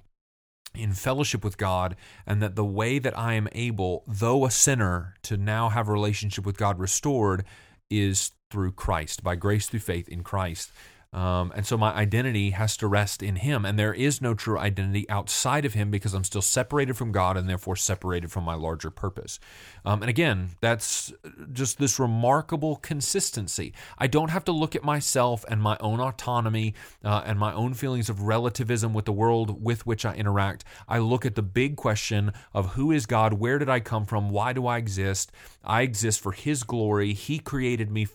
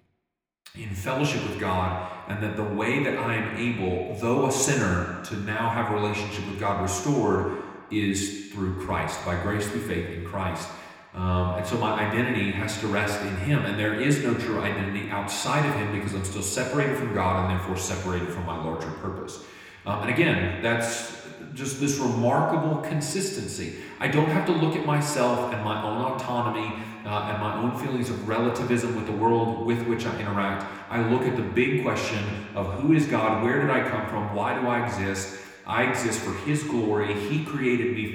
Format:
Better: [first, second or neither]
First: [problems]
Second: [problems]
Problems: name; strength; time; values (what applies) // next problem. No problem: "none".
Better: first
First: none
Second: room echo; noticeable; dies away in 1.5 s // off-mic speech; somewhat distant